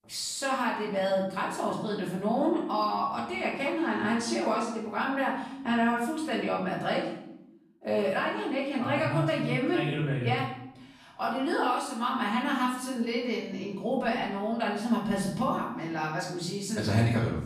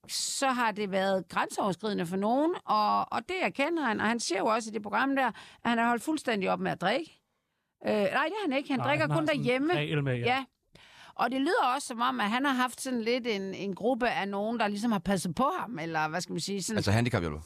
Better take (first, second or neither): second